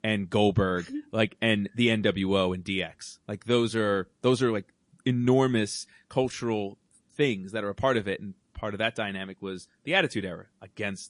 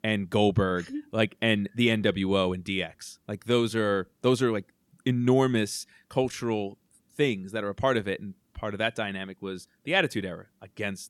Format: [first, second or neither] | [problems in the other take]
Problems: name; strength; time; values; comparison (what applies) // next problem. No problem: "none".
second | garbled, watery; slightly; nothing above 10.5 kHz